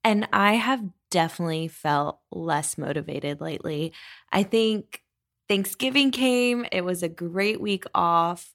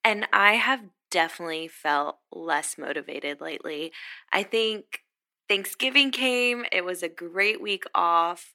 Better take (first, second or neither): first